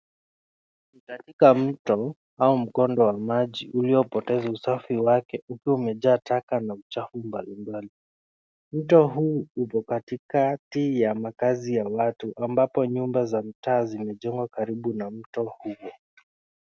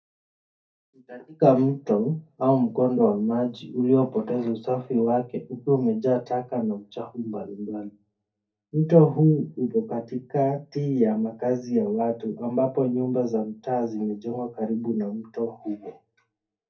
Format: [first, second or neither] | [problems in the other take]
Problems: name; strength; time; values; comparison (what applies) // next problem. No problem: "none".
first | room echo; dies away in 0.3 s